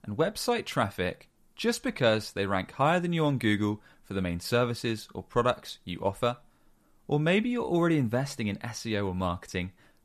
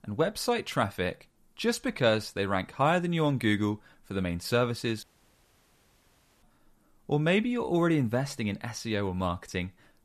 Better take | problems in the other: first | audio cutting out; at 5 s for 1.5 s

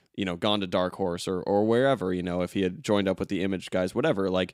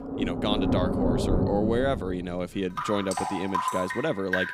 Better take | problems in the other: first | rain or running water; very loud; throughout; as loud as the speech

